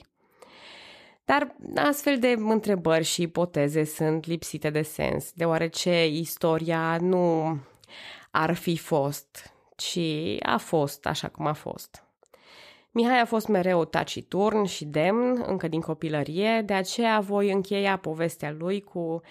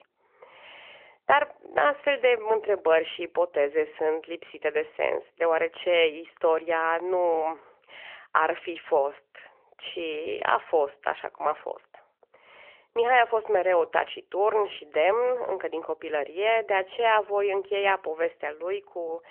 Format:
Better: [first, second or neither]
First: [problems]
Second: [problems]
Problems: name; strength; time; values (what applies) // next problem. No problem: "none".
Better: first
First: none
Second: phone-call audio; nothing above 3 kHz